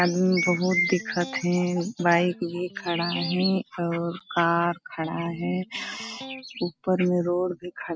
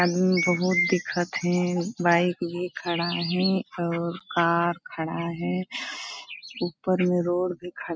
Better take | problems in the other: second | background sound (Electric guitar); 20 dB below the speech

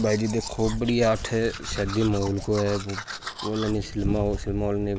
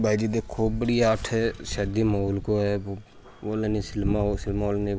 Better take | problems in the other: second | background sound (Domestic sounds, home sounds); 14 dB below the speech

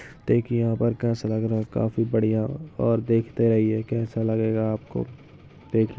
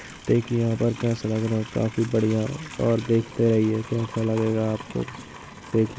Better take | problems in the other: first | background sound (Livestock, farm animals, working animals); 17 dB below the speech

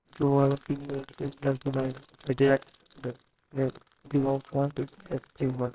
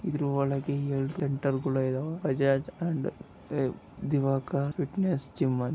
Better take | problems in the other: second | noise reduction (neural separator model SepFormer WHAMR!)

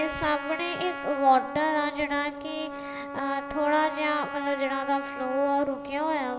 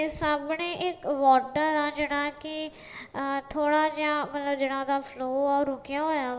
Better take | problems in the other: second | background sound (Trumpet); 9 dB below the speech

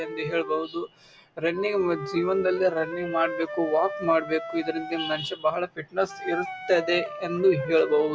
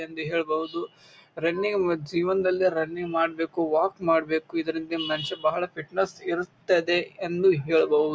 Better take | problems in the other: second | background sound (Wind instrument, woodwind instrument); 10 dB below the speech

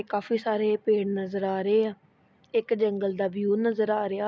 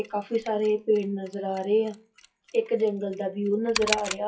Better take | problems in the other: first | noise reduction (classical method WPE with log-MMSE)

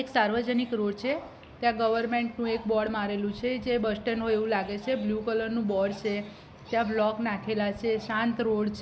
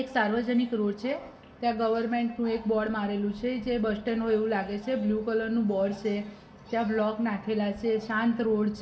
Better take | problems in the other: first | room echo; dies away in 1.1 s

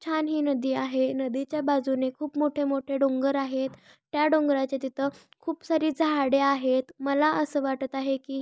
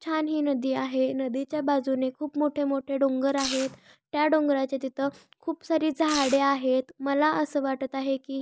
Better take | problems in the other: first | background sound (Domestic sounds, home sounds); 10 dB below the speech

